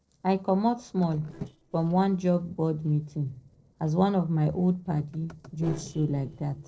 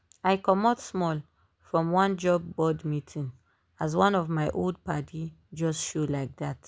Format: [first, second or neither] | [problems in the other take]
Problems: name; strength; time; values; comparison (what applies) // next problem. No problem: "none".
second | noise reduction (neural separator model SepFormer DNS4)